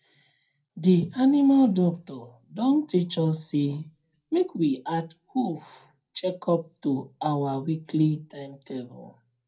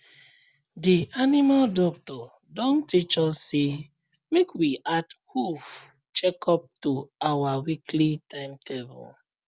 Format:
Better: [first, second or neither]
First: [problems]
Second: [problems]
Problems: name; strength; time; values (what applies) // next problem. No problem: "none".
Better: second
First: room echo; dies away in 0.2 s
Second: none